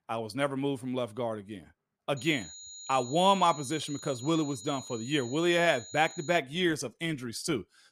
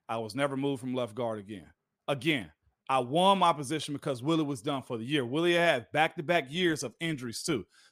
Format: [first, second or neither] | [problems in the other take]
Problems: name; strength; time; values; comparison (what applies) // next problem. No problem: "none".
second | high-pitched whine; noticeable; from 2 to 6.5 s; 7 kHz, 15 dB below the speech